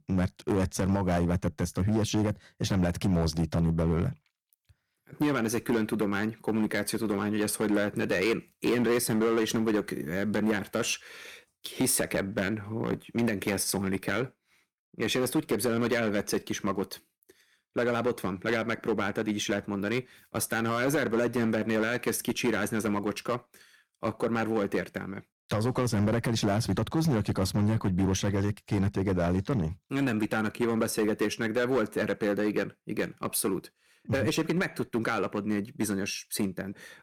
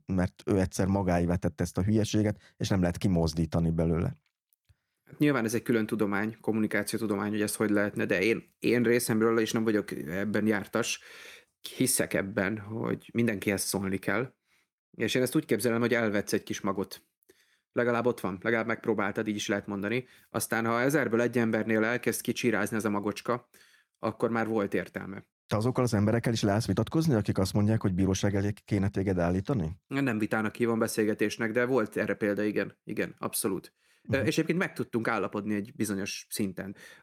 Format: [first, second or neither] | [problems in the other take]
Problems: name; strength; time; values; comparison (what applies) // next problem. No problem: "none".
second | distortion; slight; 7% of the sound clipped